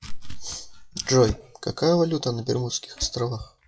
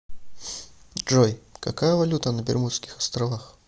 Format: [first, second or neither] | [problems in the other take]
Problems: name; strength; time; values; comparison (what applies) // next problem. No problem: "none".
second | noise reduction (classical method WPE with log-MMSE)